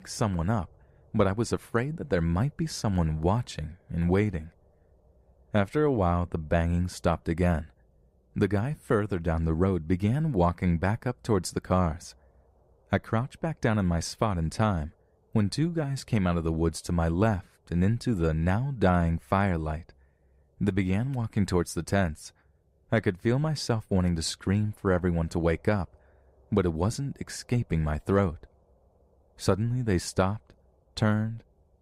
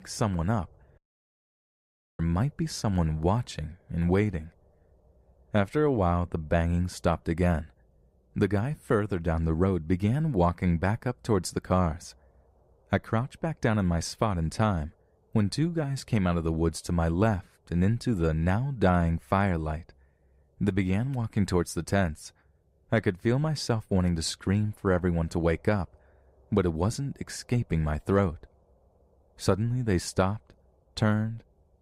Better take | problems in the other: first | audio cutting out; at 1 s for 1 s

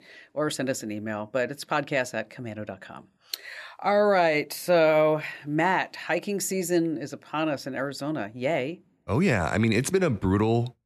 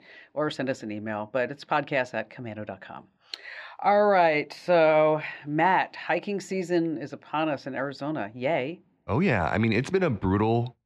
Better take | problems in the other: first | muffled; slightly; fading above 3.5 kHz

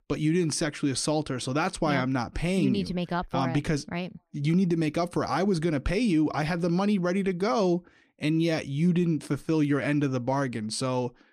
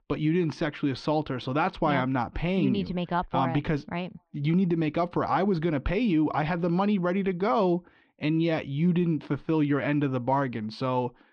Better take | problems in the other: first | muffled; slightly; fading above 3.5 kHz

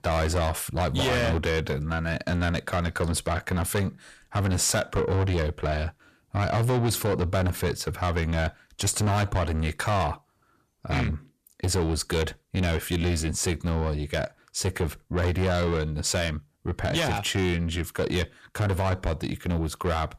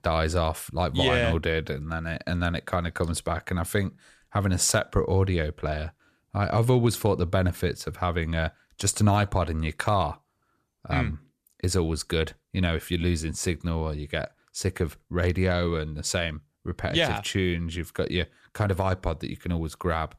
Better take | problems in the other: second | distortion; heavy; 8 dB below the speech

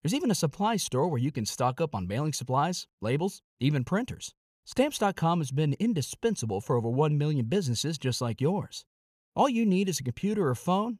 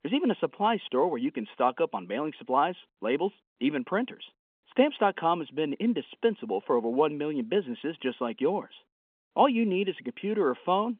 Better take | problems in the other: first | phone-call audio; nothing above 3.5 kHz

